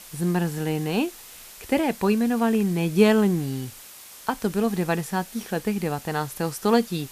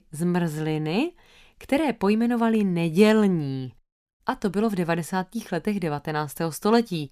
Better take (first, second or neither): second